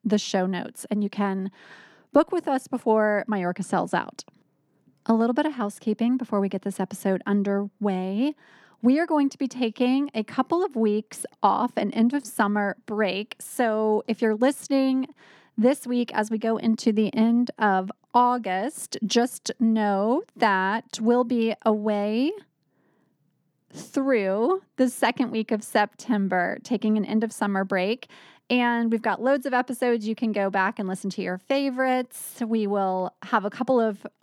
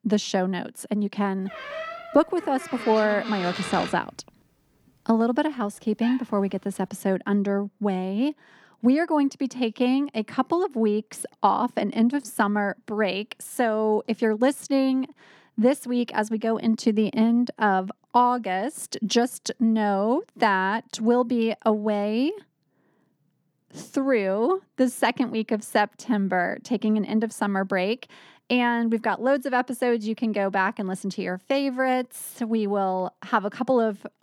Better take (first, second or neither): first